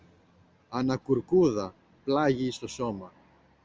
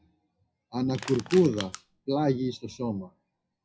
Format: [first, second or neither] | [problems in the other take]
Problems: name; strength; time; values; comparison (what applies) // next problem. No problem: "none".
first | noise reduction (classical method WPE with log-MMSE)